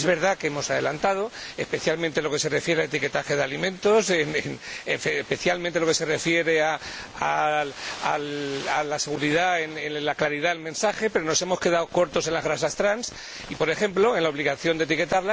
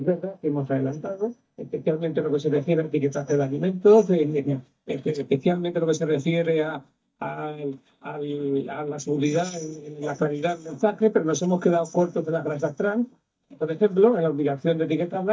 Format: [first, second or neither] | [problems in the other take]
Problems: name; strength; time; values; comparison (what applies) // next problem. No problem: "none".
first | noise reduction (neural mask model DeepFilterNet 3)